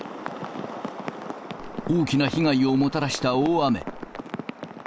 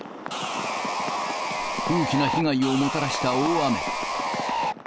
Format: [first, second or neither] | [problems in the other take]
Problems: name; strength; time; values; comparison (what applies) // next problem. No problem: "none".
first | background sound (Sawing); 1 dB below the speech